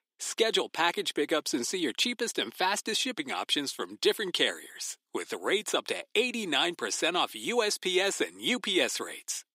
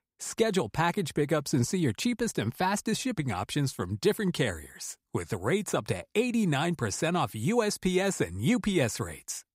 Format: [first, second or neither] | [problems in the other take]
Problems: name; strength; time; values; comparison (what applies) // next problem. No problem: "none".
second | thin; somewhat; fading below 300 Hz